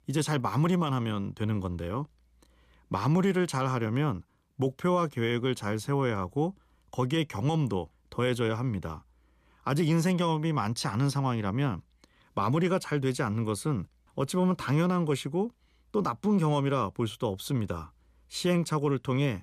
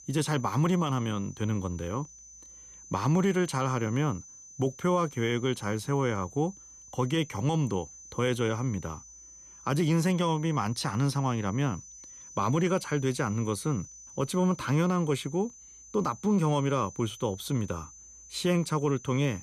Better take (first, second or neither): first